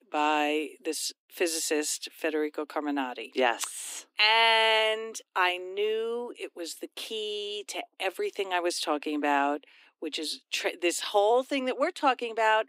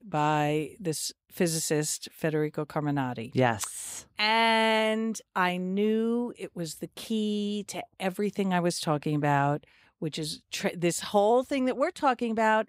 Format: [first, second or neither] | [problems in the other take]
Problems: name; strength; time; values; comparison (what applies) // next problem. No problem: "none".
second | thin; somewhat; fading below 250 Hz